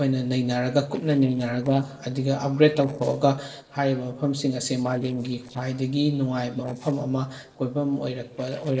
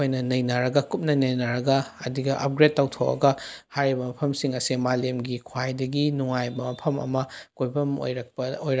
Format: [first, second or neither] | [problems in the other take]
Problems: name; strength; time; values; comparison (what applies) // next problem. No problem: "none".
second | noise reduction (neural separator model SepFormer DNS4)